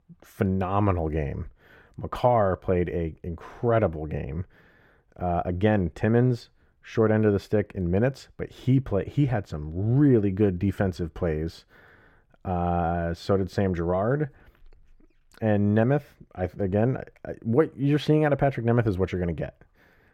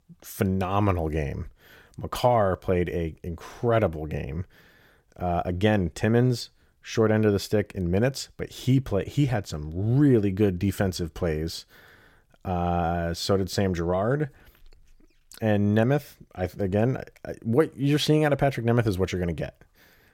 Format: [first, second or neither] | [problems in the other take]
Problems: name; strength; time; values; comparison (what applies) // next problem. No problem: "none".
second | muffled; slightly; fading above 3 kHz